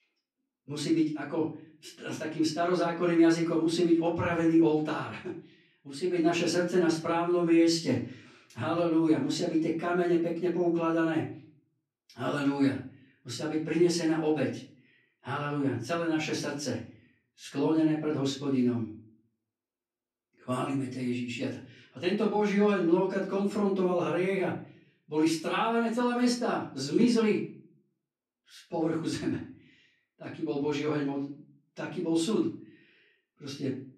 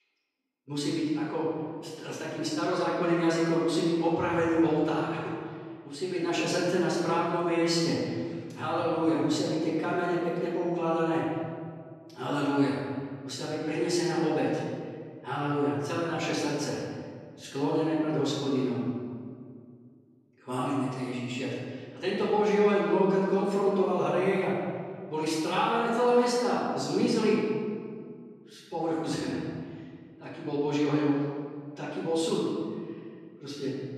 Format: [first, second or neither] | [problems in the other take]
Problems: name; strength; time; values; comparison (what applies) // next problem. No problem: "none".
first | room echo; strong; dies away in 1.8 s; slight in the first // off-mic speech; far; far in the first